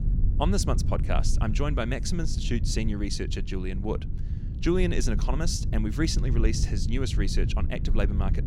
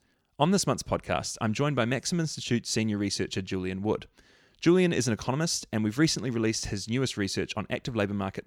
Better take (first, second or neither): second